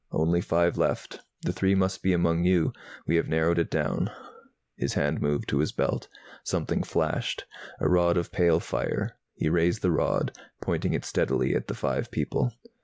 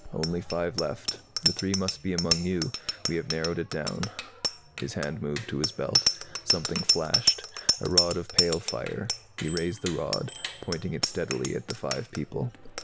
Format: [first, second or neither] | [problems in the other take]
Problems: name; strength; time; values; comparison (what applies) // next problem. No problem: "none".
first | background sound (Bicycle bell); 1 dB above the speech